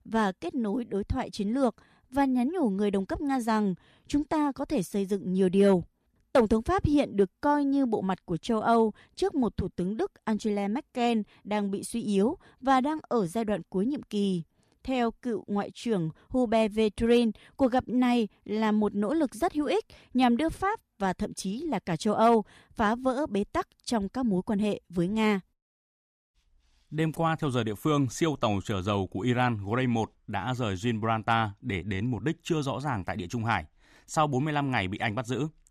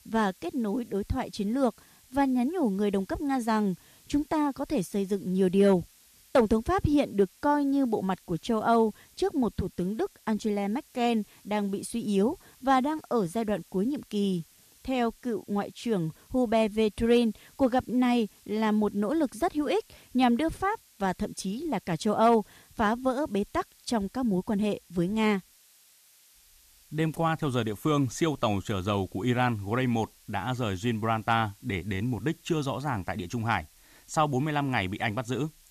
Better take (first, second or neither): first